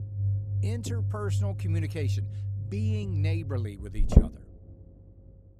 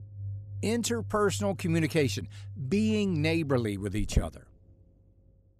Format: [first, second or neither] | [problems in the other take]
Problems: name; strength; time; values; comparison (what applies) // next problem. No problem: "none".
second | low rumble; loud; throughout; 1 dB below the speech; faint in the second